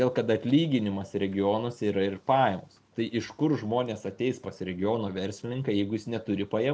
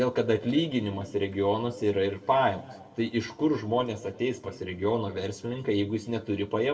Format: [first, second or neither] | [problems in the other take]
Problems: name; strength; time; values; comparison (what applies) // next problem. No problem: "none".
first | room echo; dies away in 1.7 s